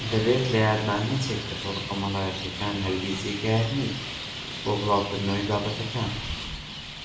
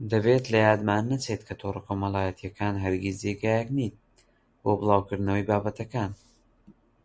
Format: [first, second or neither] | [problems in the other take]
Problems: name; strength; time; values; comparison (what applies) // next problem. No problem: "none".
second | background sound (Traffic noise, roadway noise); 7 dB below the speech // room echo; dies away in 0.8 s